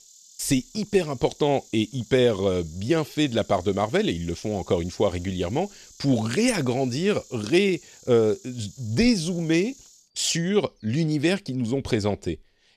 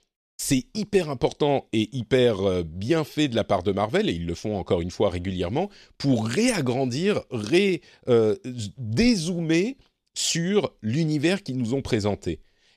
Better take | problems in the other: second | animal sounds; faint; throughout; 25 dB below the speech

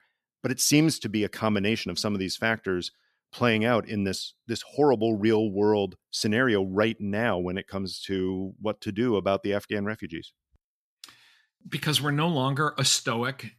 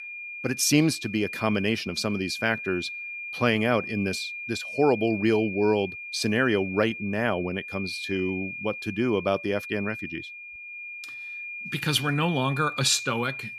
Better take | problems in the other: first | high-pitched whine; loud; throughout; 2.5 kHz, 9 dB below the speech

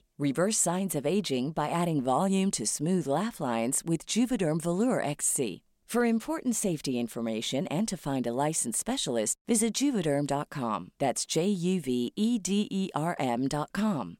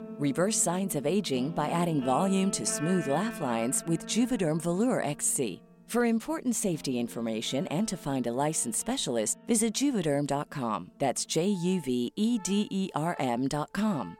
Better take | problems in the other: first | background music; noticeable; throughout; 15 dB below the speech

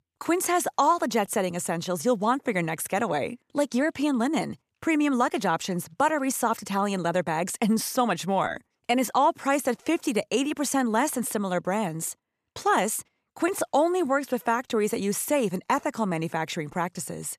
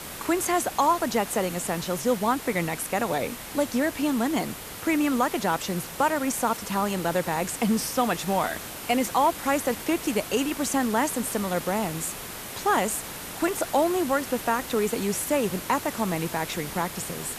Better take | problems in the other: first | hiss; loud; throughout; 9 dB below the speech

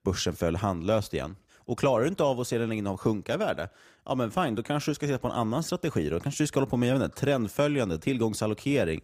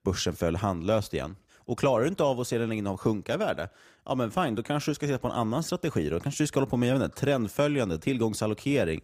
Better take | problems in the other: neither | none

